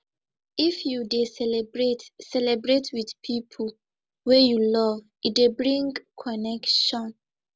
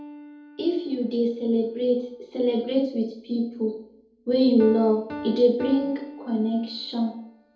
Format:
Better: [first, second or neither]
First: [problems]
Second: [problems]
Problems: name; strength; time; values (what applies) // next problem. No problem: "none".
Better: first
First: none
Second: background sound (Piano); 17 dB below the speech // room echo; dies away in 2 s